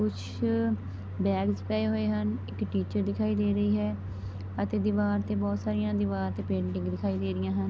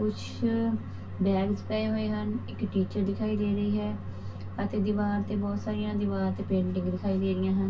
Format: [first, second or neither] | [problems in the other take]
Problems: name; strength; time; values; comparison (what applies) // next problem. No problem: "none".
first | room echo; dies away in 0.2 s